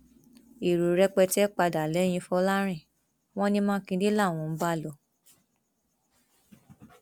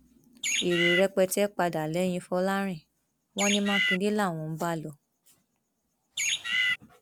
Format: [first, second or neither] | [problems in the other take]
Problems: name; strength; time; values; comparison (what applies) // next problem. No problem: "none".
first | background sound (Bird); 3 dB above the speech